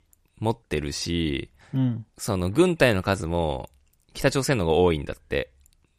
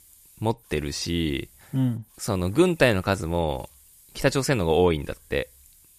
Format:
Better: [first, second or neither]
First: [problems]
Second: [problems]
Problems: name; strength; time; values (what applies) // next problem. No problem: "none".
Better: first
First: none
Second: hiss; faint; throughout; 25 dB below the speech